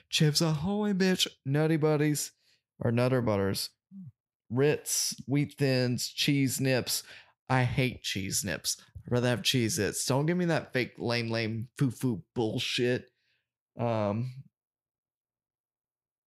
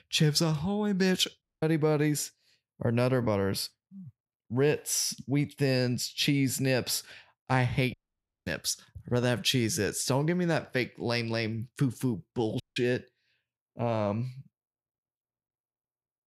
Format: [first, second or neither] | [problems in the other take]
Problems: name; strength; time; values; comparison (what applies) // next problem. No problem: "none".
first | audio cutting out; at 1.5 s, at 8 s for 0.5 s and at 13 s